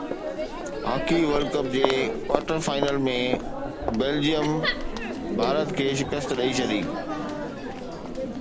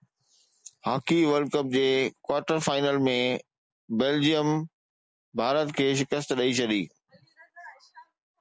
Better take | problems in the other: second | background sound (Crowd); 2 dB below the speech

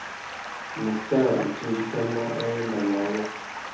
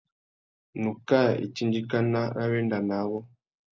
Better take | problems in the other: second | background sound (Stream); 8 dB below the speech // room echo; dies away in 0.6 s

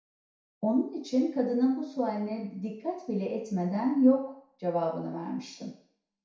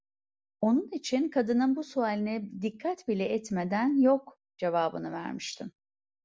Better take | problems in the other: second | room echo; dies away in 0.6 s

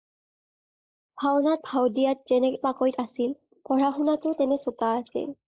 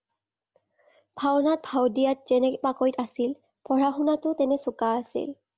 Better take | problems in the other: second | noise reduction (neural mask model Resemble Enhance denoiser)

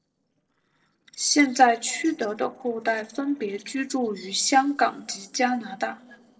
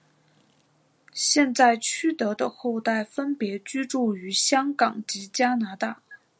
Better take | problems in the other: second | noise reduction (neural separator model SepFormer DNS4)

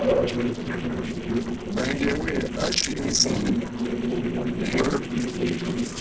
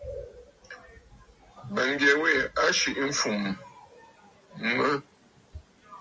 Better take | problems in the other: second | noise reduction (neural separator model SepFormer DNS4)

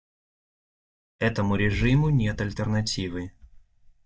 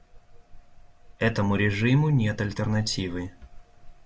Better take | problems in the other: second | noise reduction (neural mask model DeepFilterNet 3)

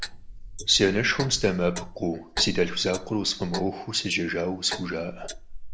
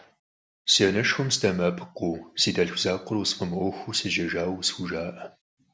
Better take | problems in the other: second | noise reduction (neural mask model Resemble Enhance denoiser)

